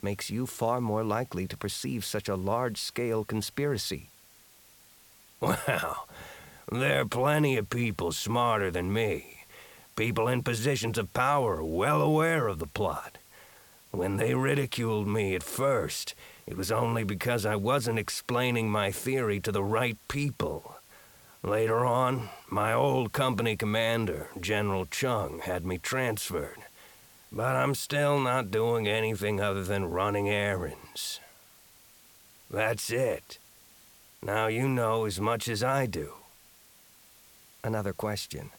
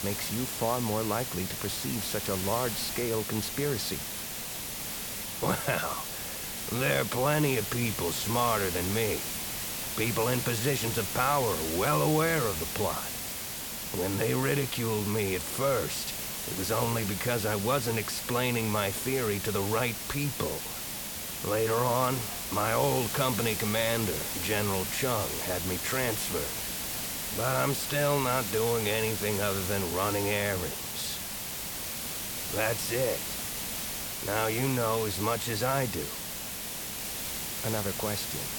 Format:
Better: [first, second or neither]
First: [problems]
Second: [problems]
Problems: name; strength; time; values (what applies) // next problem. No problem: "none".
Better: first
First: hiss; faint; throughout; 25 dB below the speech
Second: hiss; loud; throughout; 3 dB below the speech